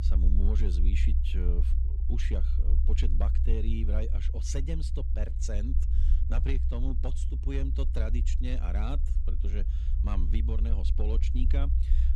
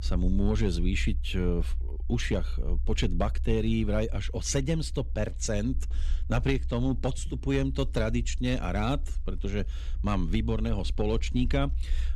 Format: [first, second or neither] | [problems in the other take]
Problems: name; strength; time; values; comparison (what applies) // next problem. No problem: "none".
second | low rumble; loud; throughout; 7 dB below the speech; faint in the second